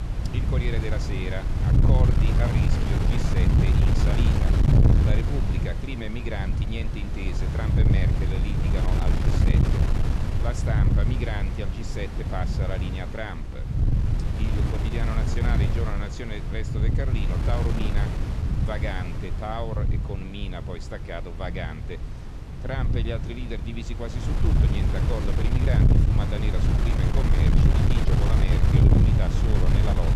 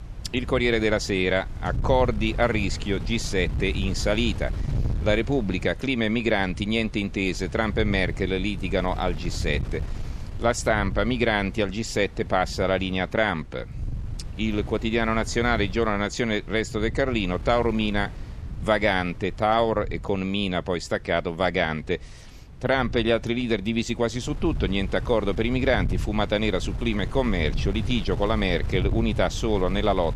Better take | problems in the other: second | wind noise on the microphone; heavy; 1 dB above the speech; occasional gusts in the second

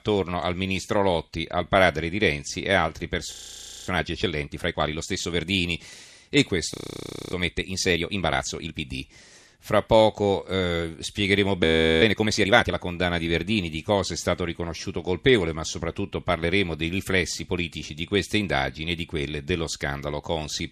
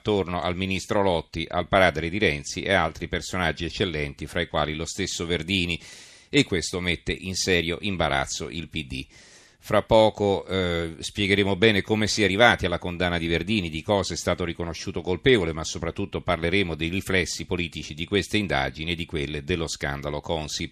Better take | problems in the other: second | audio freezing; at 3.5 s for 0.5 s, at 6.5 s for 0.5 s and at 12 s

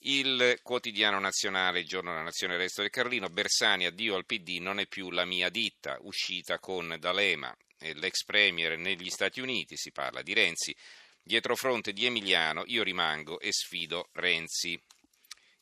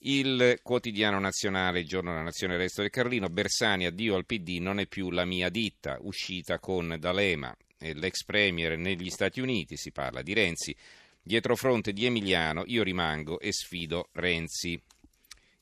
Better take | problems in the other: second | thin; somewhat; fading below 650 Hz

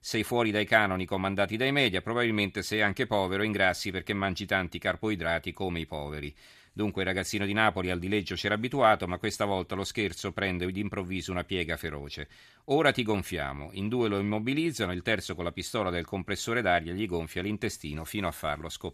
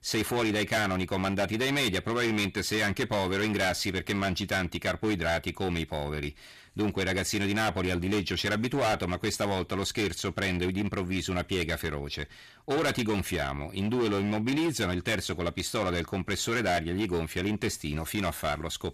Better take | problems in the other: first | distortion; heavy; 15% of the sound clipped

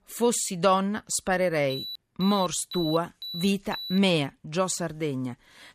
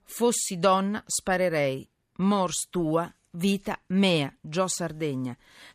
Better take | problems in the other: second | alarm; noticeable; from 1.5 to 4 s; peak 8 dB below the speech

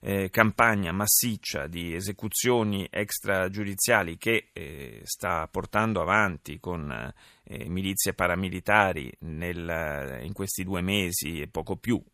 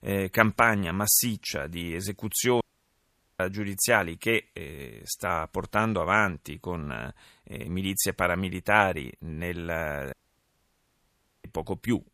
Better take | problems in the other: first | audio cutting out; at 2.5 s for 1 s and at 10 s for 1.5 s

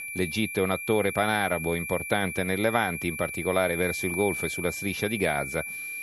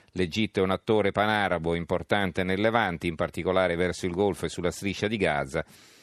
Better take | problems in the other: second | high-pitched whine; loud; throughout; 2.5 kHz, 5 dB below the speech

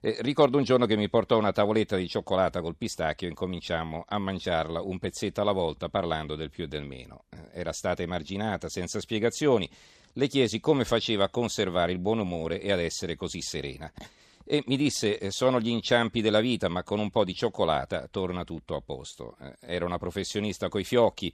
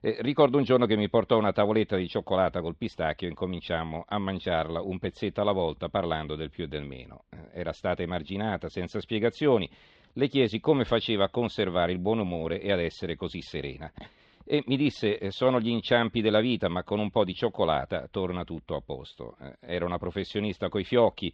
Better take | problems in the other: first | muffled; slightly; fading above 3.5 kHz

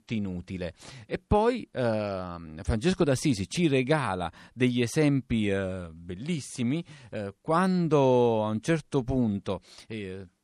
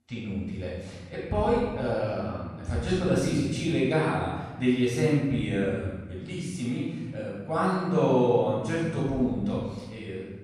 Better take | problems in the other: first | room echo; strong; dies away in 1.1 s // off-mic speech; far

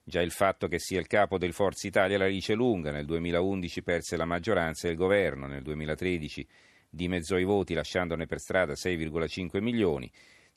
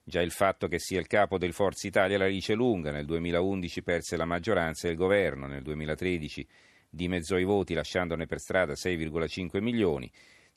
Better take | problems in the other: neither | none

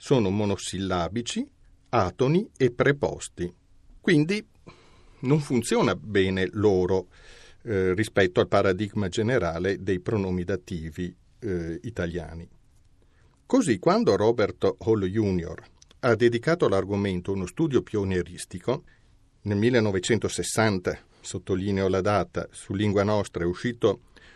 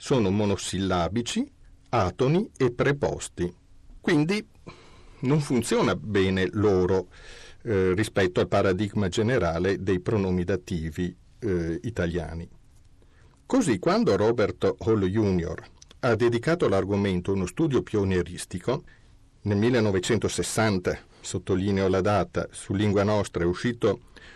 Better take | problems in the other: first | distortion; slight; 10 dB below the speech

